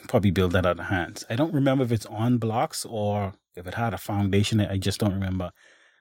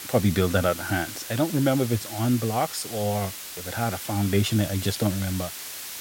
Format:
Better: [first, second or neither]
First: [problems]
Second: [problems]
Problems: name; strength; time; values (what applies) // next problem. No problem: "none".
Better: first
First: none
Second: hiss; loud; throughout; 9 dB below the speech